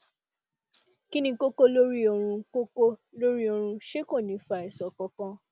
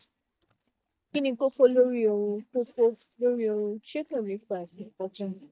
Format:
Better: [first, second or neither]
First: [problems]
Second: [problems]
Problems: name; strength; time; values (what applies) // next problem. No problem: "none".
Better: first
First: none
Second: noise reduction (neural mask model DeepFilterNet 3)